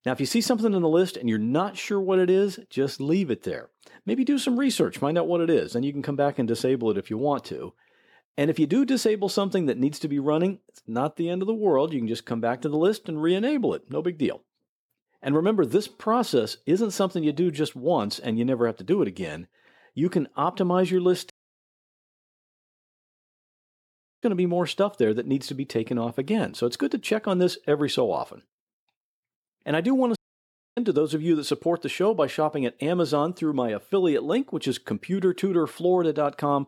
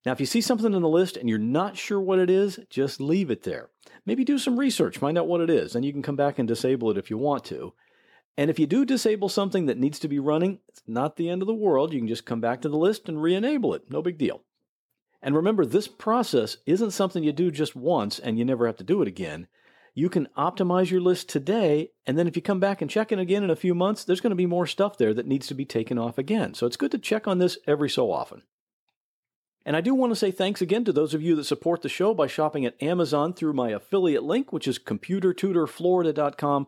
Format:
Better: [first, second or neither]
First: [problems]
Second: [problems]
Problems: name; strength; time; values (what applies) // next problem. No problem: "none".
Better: second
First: audio cutting out; at 21 s for 3 s and at 30 s for 0.5 s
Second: none